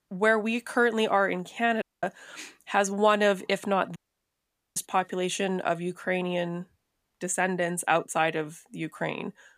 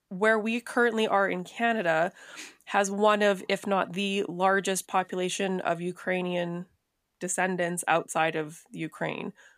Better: second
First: audio cutting out; at 2 s and at 4 s for 1 s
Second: none

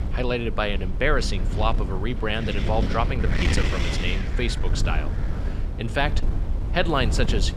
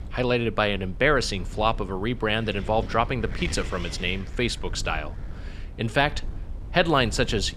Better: second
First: wind noise on the microphone; heavy; 8 dB below the speech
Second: wind noise on the microphone; occasional gusts; 20 dB below the speech

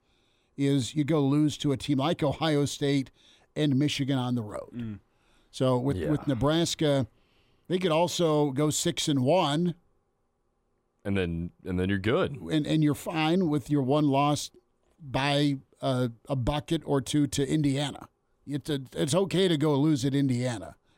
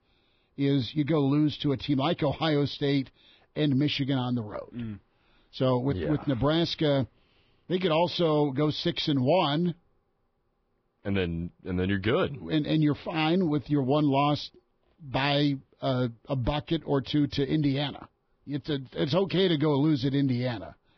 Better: first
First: none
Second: garbled, watery; badly; nothing above 5.5 kHz

